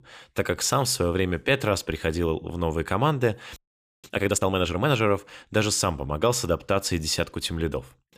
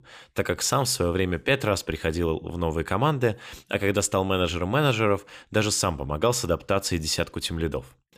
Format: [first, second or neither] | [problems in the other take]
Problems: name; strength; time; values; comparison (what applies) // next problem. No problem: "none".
second | audio freezing; at 3.5 s